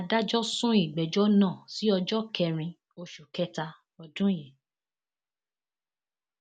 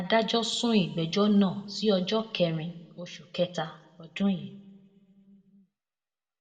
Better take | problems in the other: first | room echo; dies away in 0.9 s

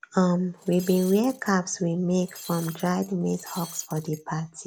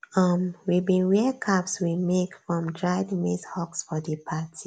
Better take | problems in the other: second | background sound (Shatter); 18 dB below the speech

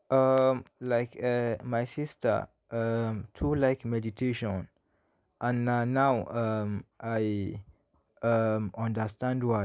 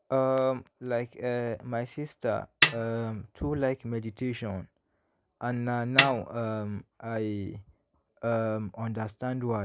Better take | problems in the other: first | background sound (Snare drum); 2 dB above the speech

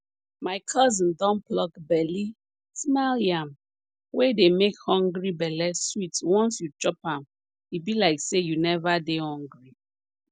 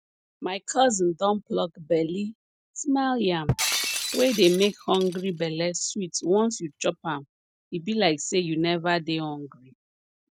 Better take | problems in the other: first | noise reduction (neural mask model RNNoise)

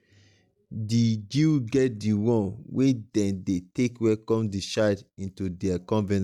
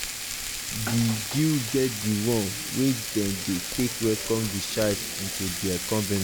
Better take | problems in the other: first | background sound (Frying (food)); 5 dB below the speech

